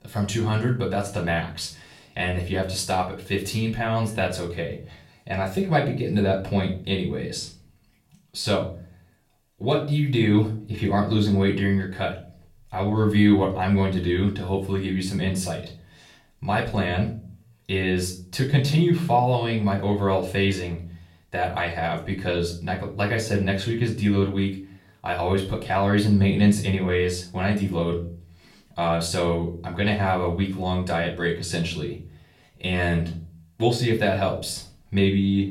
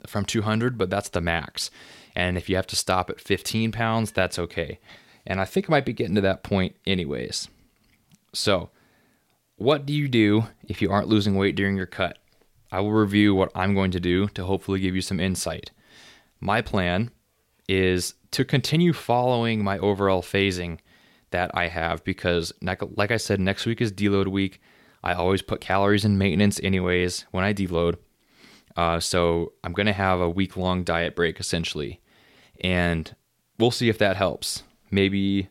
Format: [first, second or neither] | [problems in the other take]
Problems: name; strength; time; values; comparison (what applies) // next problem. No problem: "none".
second | off-mic speech; far // room echo; slight; dies away in 0.4 s